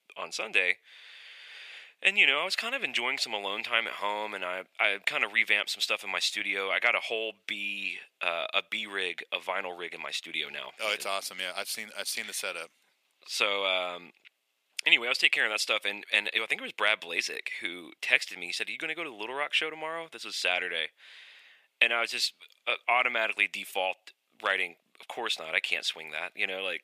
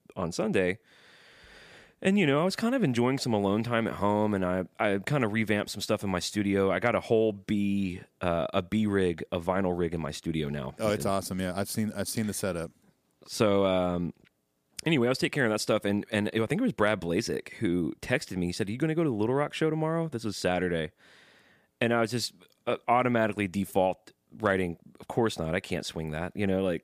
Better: second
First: thin; very; fading below 750 Hz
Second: none

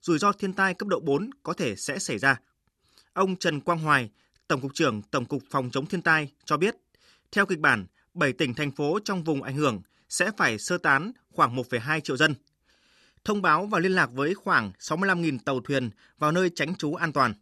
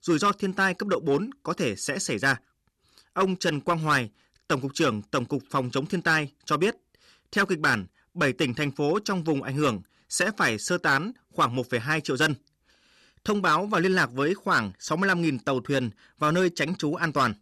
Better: first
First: none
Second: distortion; slight; 3% of the sound clipped

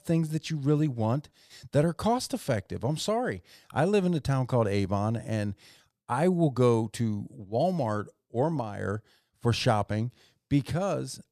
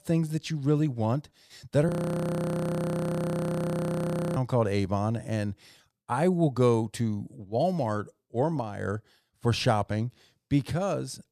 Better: first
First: none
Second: audio freezing; at 2 s for 2.5 s

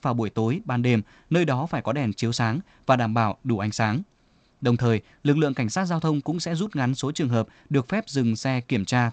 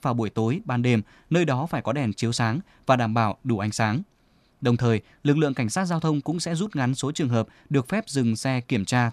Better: second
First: garbled, watery; slightly; nothing above 8 kHz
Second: none

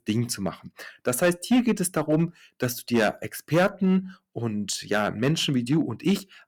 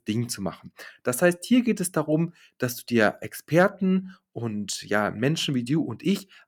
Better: second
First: distortion; slight; 4% of the sound clipped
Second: none

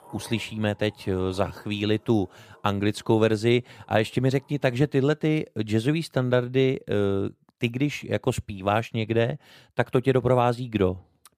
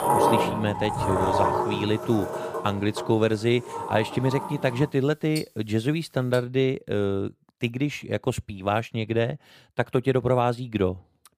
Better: first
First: household noises; faint; until 6.5 s; 30 dB below the speech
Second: household noises; loud; until 6.5 s; 2 dB below the speech

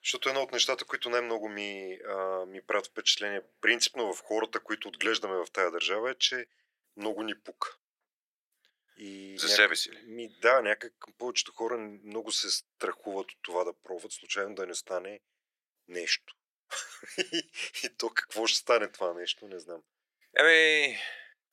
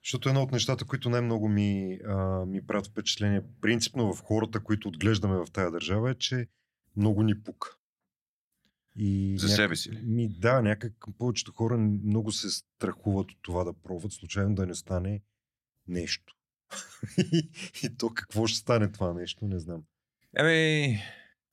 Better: second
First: thin; very; fading below 400 Hz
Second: none

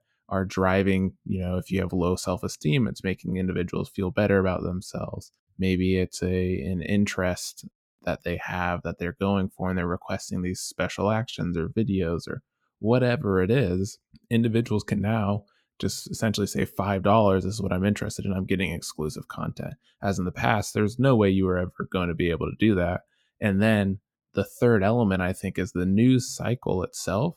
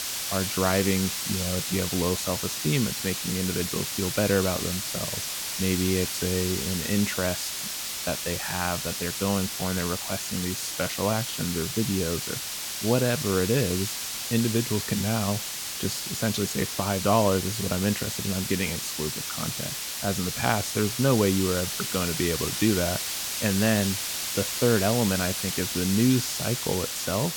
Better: first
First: none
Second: hiss; loud; throughout; 2 dB below the speech

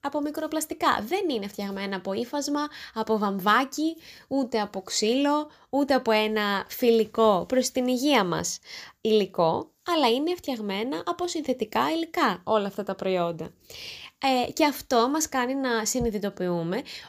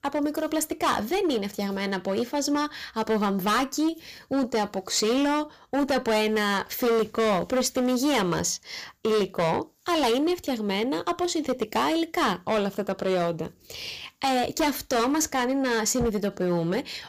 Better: first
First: none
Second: distortion; heavy; 13% of the sound clipped

